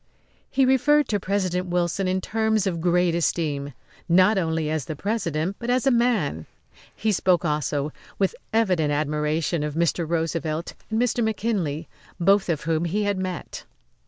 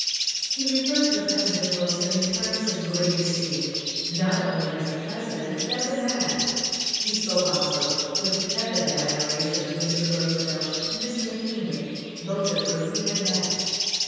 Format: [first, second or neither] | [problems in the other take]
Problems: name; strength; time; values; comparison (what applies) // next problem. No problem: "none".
first | background sound (Bird); 1 dB below the speech // room echo; dies away in 2.2 s